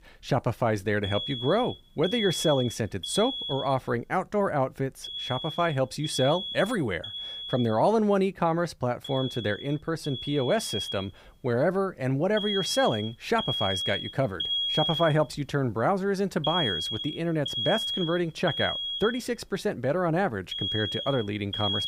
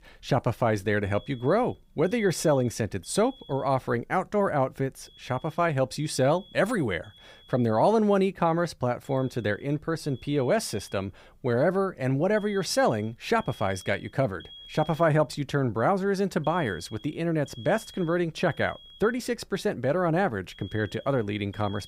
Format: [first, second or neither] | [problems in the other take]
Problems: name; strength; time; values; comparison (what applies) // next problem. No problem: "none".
second | alarms or sirens; loud; throughout; 4 dB below the speech; faint in the second